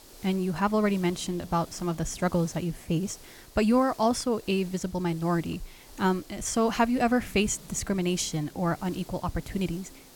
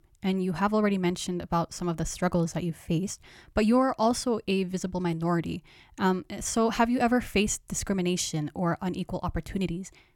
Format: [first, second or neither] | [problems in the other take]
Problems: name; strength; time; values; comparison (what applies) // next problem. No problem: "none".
second | hiss; faint; throughout; 20 dB below the speech